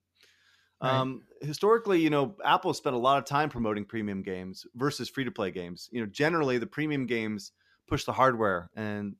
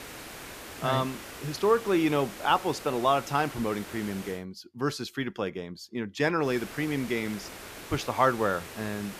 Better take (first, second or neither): first